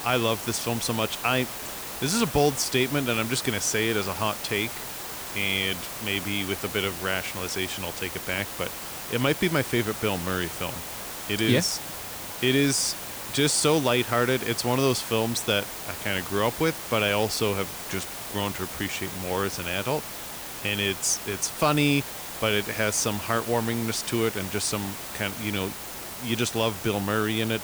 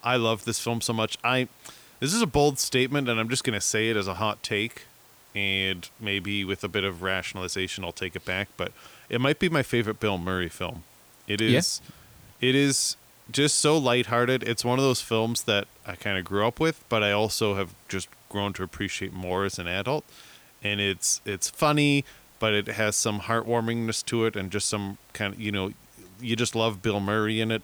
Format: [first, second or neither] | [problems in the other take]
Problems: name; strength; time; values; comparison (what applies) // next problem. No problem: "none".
second | hiss; loud; throughout; 7 dB below the speech; faint in the second